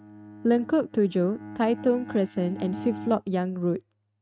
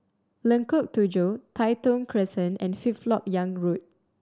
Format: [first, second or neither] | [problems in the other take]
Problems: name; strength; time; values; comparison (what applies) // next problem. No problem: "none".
second | noise reduction (neural mask model RNNoise)